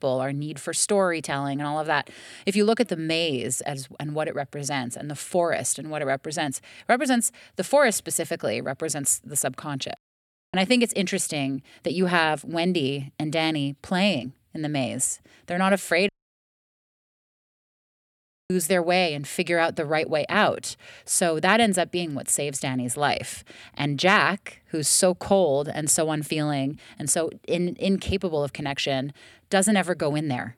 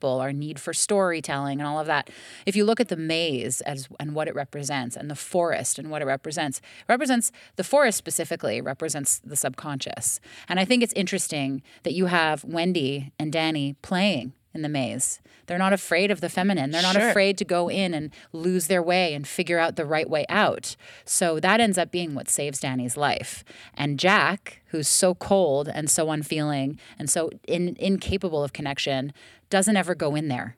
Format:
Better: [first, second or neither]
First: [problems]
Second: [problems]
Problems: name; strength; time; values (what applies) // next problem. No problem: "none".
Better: second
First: audio cutting out; at 10 s for 0.5 s and at 16 s for 2.5 s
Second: none